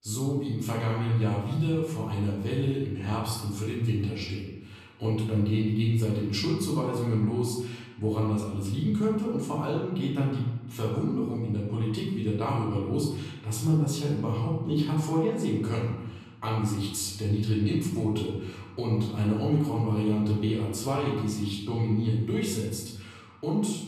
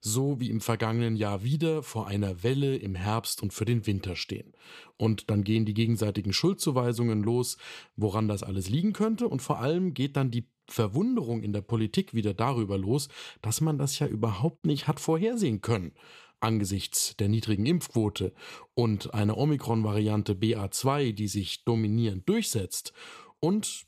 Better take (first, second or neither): second